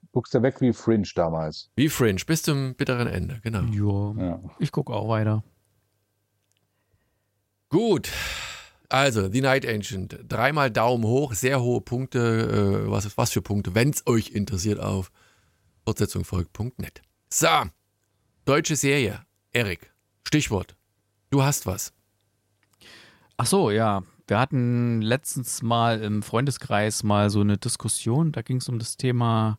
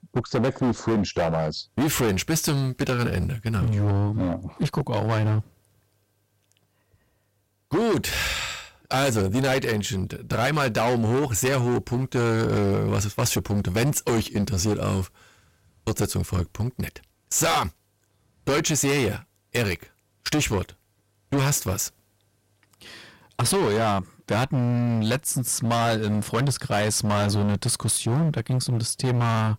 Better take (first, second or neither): first